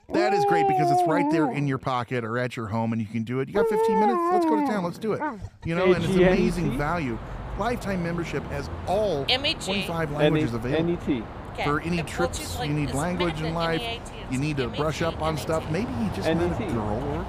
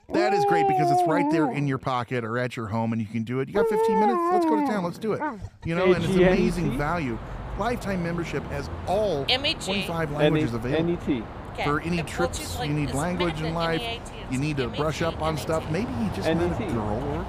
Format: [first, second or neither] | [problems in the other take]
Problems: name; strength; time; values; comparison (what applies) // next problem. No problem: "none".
neither | animal sounds; very loud; throughout; 1 dB above the speech; the same in both